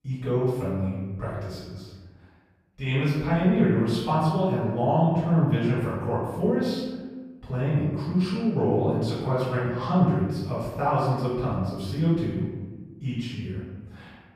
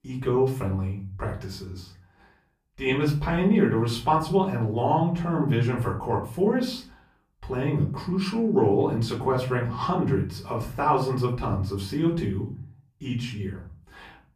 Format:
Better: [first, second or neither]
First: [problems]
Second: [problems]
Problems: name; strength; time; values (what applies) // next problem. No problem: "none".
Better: second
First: room echo; strong; dies away in 1.2 s // off-mic speech; far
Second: room echo; slight; dies away in 0.4 s // off-mic speech; far